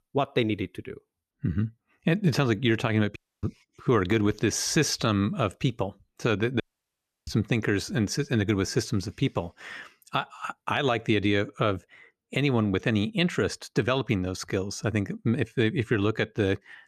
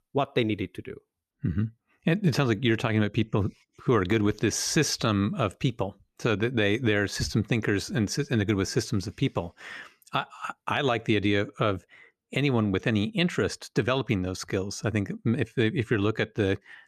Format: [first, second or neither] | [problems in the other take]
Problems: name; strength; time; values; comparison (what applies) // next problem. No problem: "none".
second | audio cutting out; at 3 s and at 6.5 s for 0.5 s